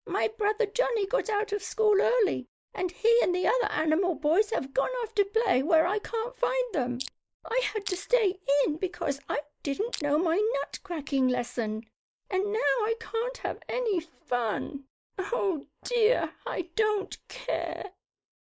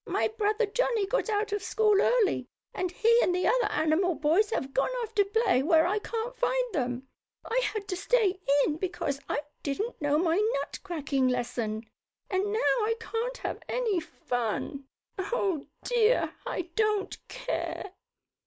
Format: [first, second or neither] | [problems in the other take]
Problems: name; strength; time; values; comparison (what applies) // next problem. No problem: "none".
second | noise reduction (neural mask model Resemble Enhance denoiser)